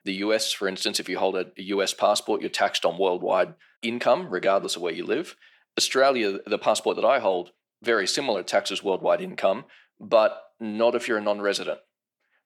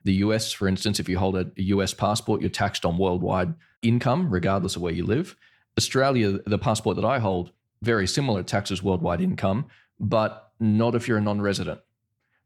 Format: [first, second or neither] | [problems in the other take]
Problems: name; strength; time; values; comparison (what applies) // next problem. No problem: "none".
second | thin; very; fading below 300 Hz